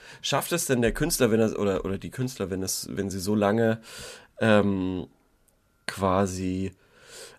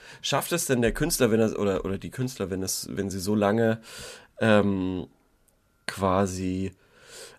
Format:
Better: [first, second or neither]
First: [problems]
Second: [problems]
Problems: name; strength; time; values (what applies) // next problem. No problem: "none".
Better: neither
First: none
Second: none